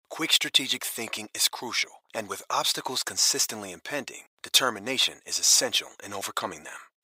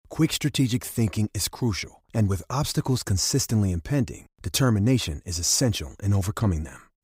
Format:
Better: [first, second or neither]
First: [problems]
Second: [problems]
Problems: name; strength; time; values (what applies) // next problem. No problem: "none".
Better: second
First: thin; very; fading below 700 Hz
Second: none